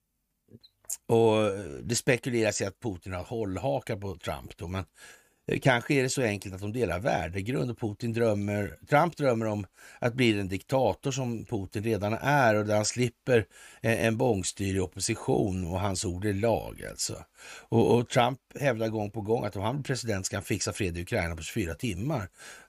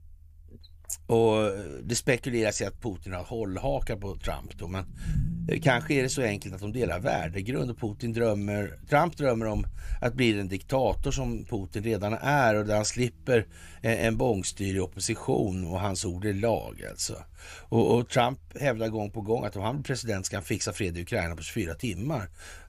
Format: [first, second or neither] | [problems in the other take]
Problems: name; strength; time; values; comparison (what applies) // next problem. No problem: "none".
first | low rumble; faint; throughout; 25 dB below the speech